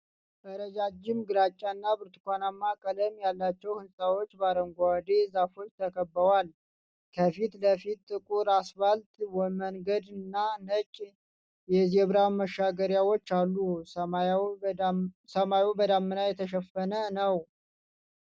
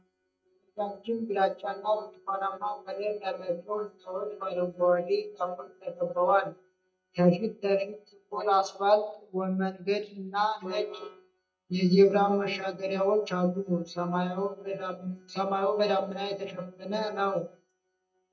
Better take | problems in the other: first | noise reduction (neural mask model DeepFilterNet 3)

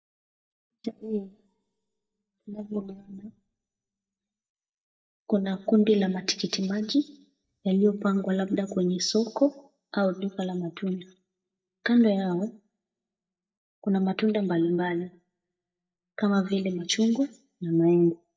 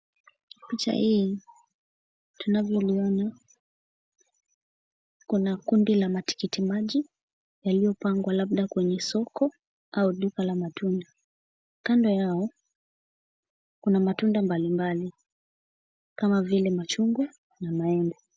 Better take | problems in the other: second | noise reduction (neural mask model DeepFilterNet 3)

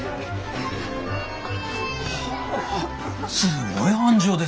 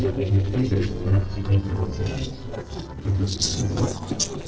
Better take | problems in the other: first | noise reduction (neural separator model SepFormer DNS4)

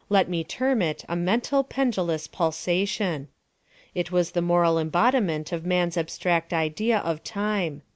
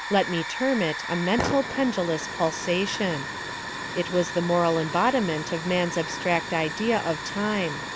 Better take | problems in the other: first | background sound (Hiss / Fire); 7 dB below the speech

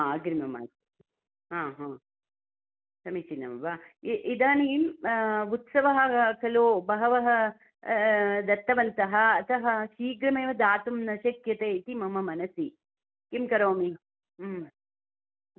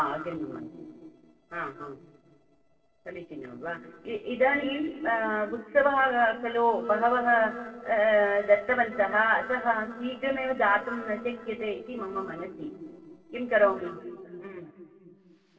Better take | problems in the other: first | noise reduction (neural separator model SepFormer DNS4)

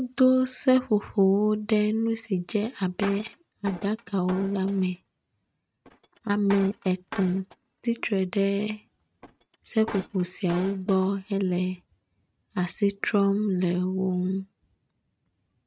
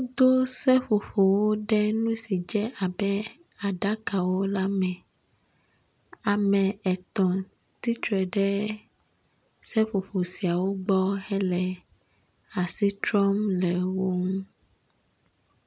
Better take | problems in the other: second | noise reduction (neural mask model RNNoise)

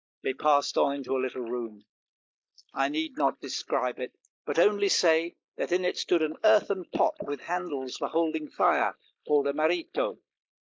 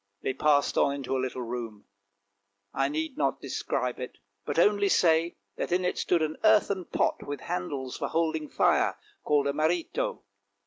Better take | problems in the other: second | noise reduction (neural mask model Resemble Enhance denoiser)

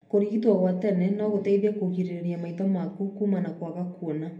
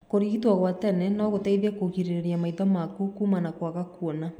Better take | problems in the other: second | room echo; dies away in 0.3 s

